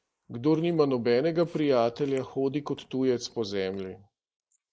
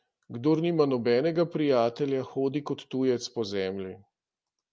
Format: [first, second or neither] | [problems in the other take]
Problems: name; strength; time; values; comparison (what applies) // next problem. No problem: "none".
second | noise reduction (neural mask model Resemble Enhance denoiser)